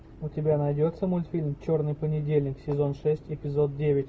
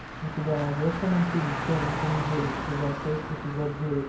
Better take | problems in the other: first | background sound (Car); 5 dB below the speech // room echo; dies away in 0.4 s

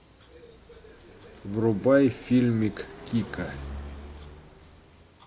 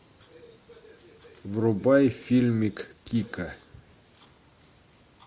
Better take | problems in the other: second | background sound (Car passing by); 16 dB below the speech

